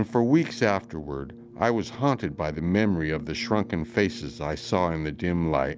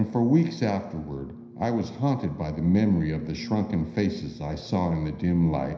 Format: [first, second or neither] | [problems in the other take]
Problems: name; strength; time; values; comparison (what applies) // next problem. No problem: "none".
first | room echo; dies away in 0.9 s